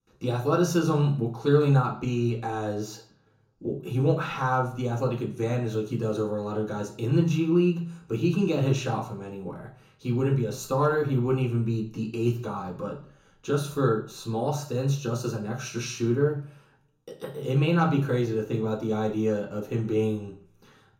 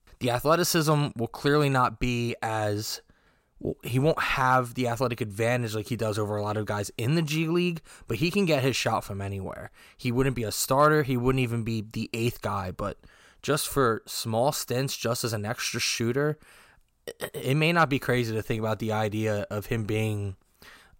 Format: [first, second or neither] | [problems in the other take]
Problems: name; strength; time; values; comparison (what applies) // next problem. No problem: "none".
second | room echo; slight; dies away in 0.6 s // off-mic speech; far